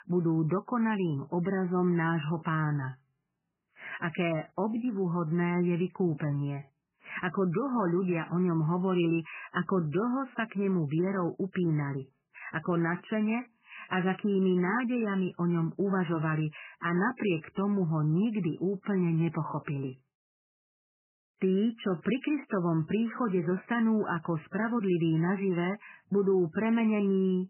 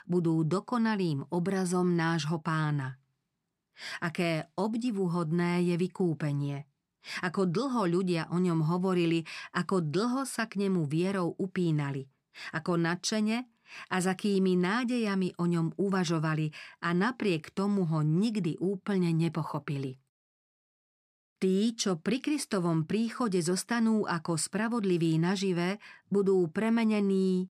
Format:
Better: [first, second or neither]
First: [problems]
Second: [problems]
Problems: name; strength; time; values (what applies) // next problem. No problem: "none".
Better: second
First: garbled, watery; badly; nothing above 3 kHz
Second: none